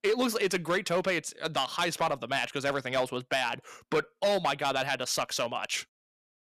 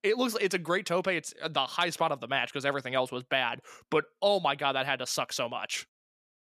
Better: second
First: distortion; slight; 5% of the sound clipped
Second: none

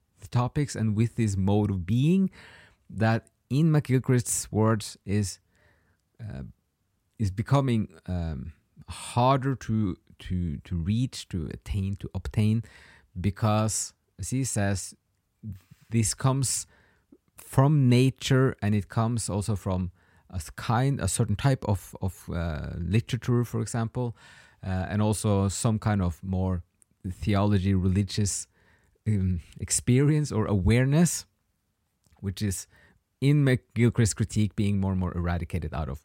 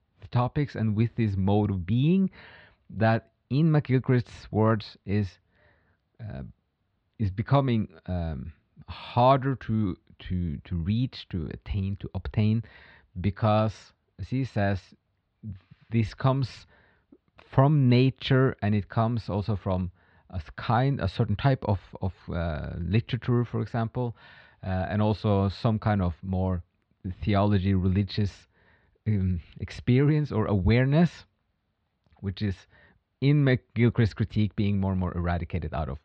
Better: first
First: none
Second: muffled; very; fading above 4 kHz

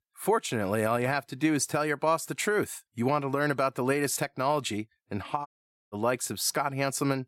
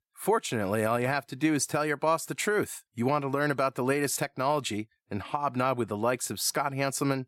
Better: second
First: audio cutting out; at 5.5 s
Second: none

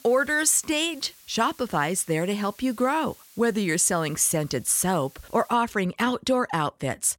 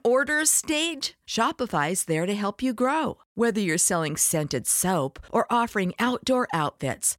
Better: second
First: hiss; faint; until 5.5 s; 25 dB below the speech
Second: none

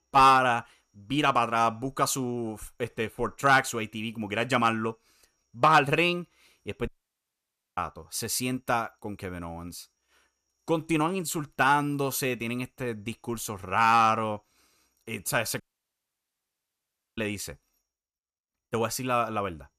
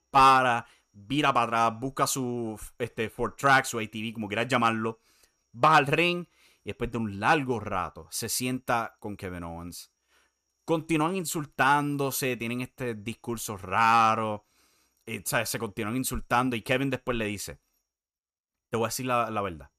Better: second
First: audio cutting out; at 7 s for 1 s and at 16 s for 1.5 s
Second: none

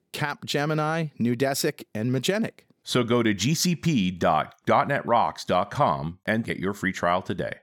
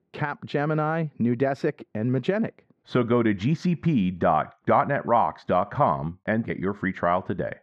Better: first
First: none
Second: muffled; very; fading above 1.5 kHz

